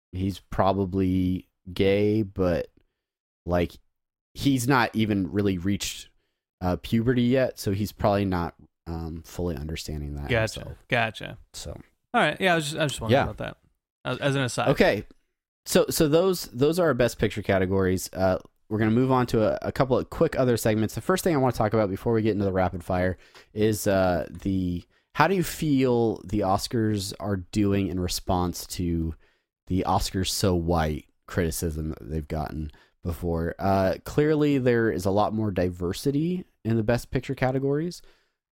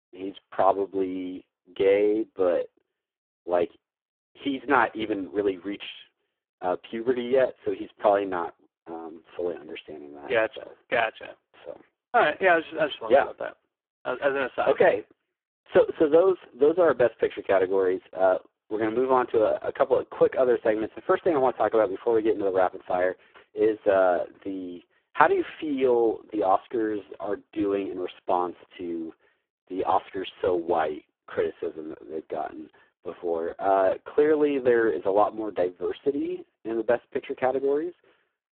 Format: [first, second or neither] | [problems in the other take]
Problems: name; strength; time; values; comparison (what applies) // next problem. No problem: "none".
first | phone-call audio; poor line